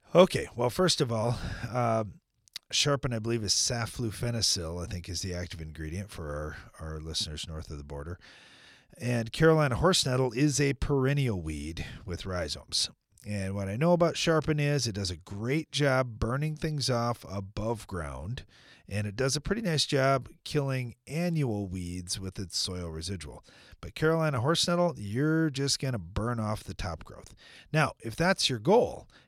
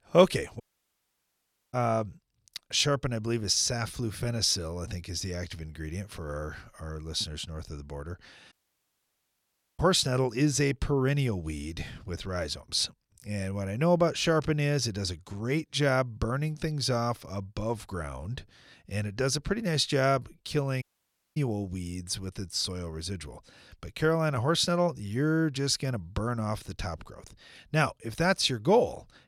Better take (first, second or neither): first